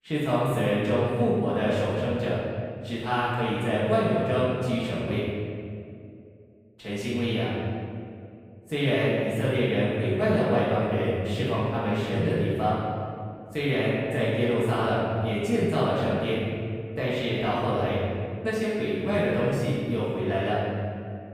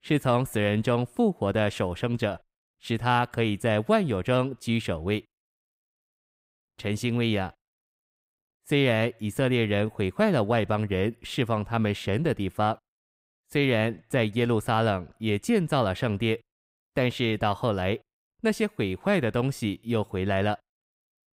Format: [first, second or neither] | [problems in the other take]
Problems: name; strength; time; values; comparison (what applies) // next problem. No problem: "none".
second | off-mic speech; far // room echo; strong; dies away in 2.1 s